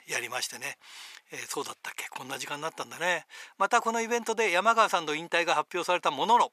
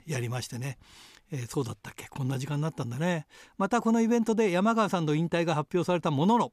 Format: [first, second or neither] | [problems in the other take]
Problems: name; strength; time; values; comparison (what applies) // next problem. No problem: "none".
second | thin; very; fading below 700 Hz